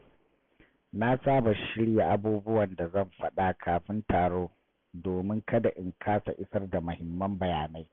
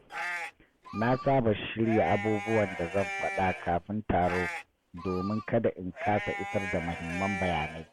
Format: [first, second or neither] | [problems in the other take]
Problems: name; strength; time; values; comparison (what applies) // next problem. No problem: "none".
first | background sound (Livestock, farm animals, working animals); 8 dB below the speech